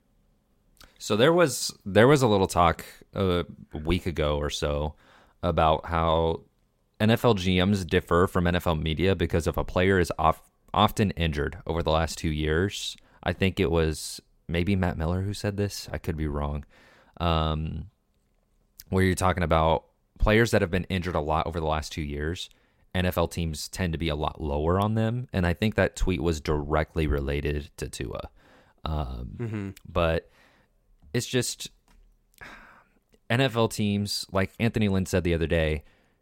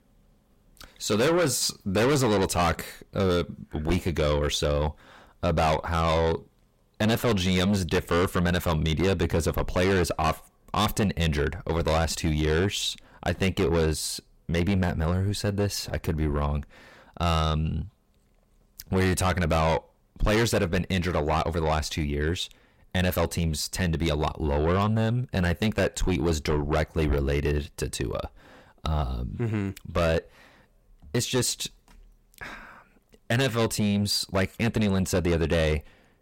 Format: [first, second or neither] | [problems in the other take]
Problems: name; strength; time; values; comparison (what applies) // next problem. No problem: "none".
first | distortion; heavy; 6 dB below the speech